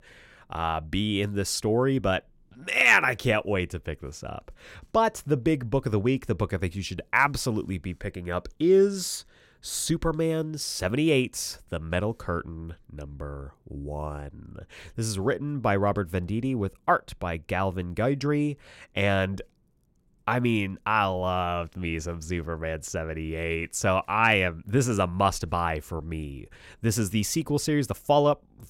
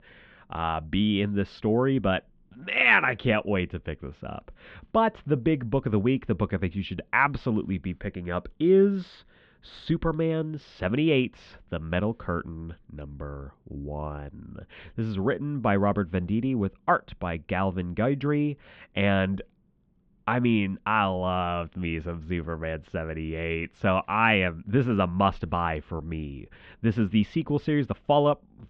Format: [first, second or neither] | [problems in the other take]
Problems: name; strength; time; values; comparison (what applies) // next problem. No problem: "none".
first | muffled; very; fading above 3.5 kHz